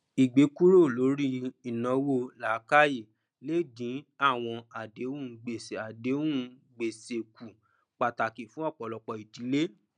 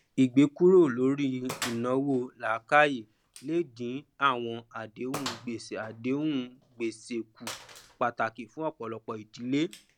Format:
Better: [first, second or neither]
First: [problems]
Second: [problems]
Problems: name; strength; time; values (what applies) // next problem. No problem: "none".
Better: first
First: none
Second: background sound (Gunshot, gunfire); 18 dB below the speech